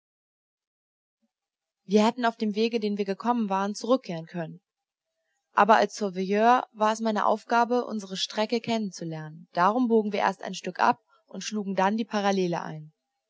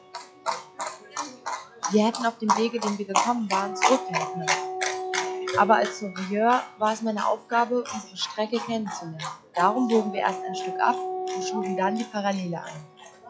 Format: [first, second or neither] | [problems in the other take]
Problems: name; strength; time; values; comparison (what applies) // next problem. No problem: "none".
first | noise reduction (classical method log-MMSE)